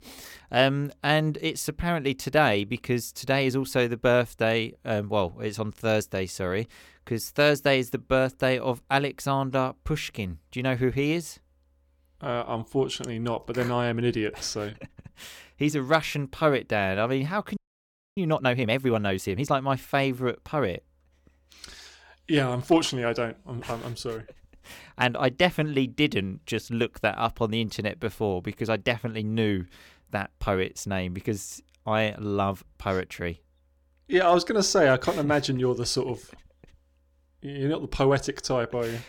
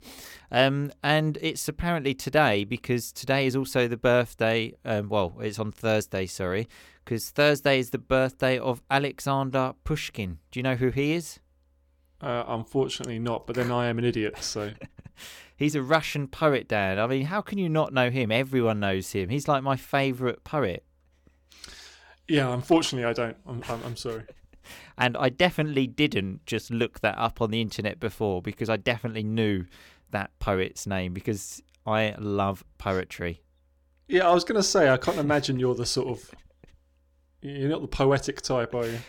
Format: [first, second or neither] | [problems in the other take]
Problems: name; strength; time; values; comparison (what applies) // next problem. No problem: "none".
second | audio freezing; at 18 s for 0.5 s